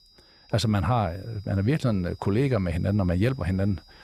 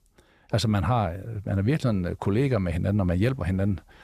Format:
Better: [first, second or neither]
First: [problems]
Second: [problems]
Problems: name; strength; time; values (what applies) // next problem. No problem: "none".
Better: second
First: high-pitched whine; faint; throughout; 5 kHz, 30 dB below the speech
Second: none